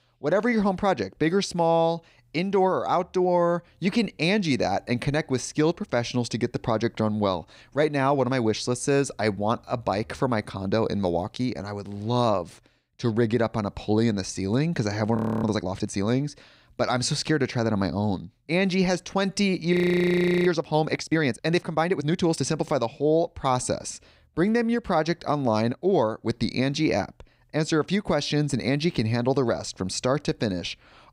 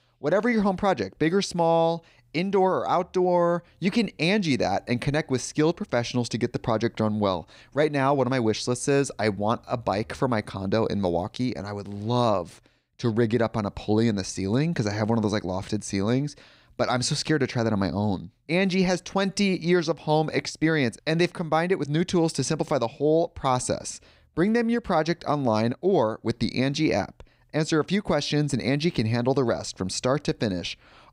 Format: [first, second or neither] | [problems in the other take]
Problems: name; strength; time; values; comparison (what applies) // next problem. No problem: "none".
second | audio freezing; at 15 s and at 20 s for 0.5 s